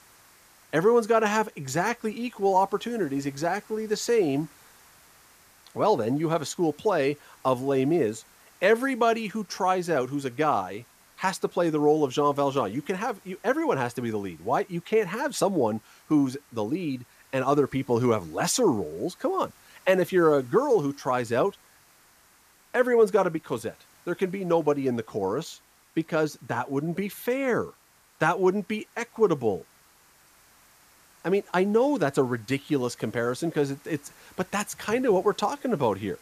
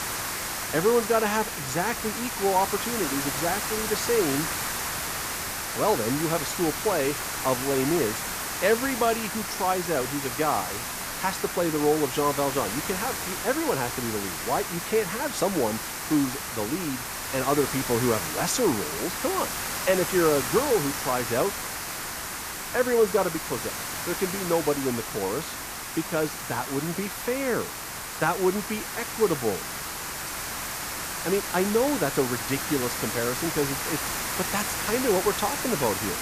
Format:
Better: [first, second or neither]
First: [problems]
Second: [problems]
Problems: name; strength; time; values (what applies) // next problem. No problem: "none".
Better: first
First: hiss; faint; throughout; 30 dB below the speech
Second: hiss; loud; throughout; 3 dB below the speech